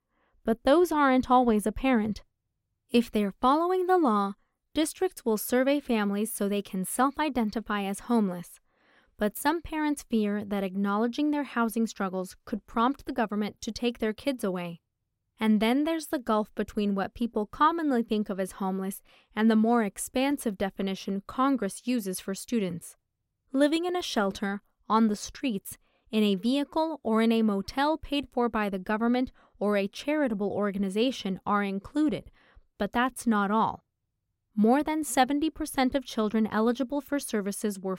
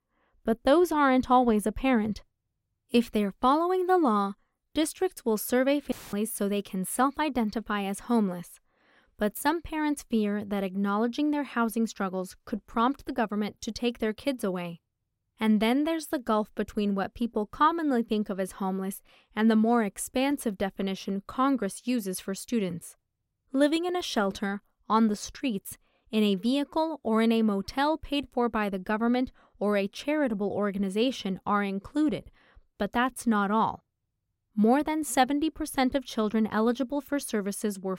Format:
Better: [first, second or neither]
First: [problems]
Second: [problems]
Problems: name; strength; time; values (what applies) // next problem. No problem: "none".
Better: first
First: none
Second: audio cutting out; filled with static; at 6 s